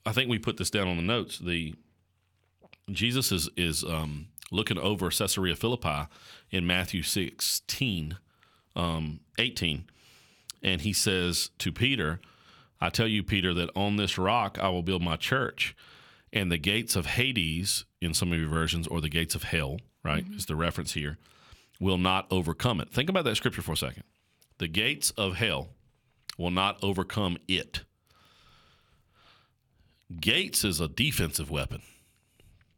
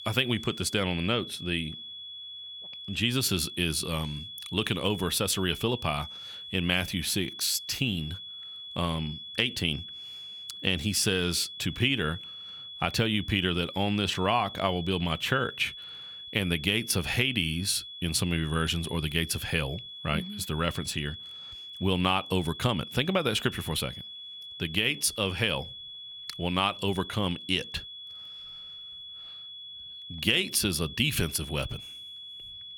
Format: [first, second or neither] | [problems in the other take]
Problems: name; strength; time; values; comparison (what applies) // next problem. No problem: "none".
first | high-pitched whine; noticeable; throughout; 3.5 kHz, 10 dB below the speech